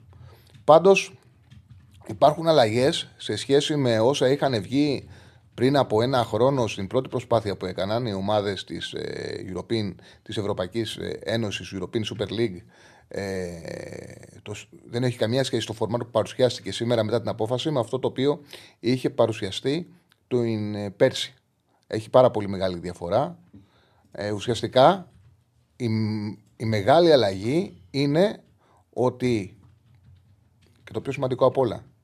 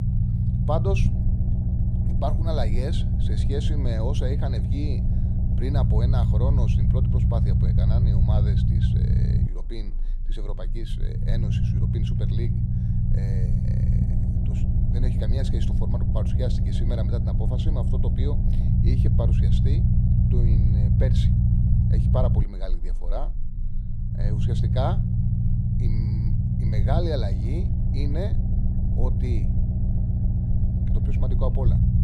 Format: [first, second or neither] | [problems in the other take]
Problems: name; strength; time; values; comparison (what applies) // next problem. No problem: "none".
first | low rumble; loud; throughout; 1 dB below the speech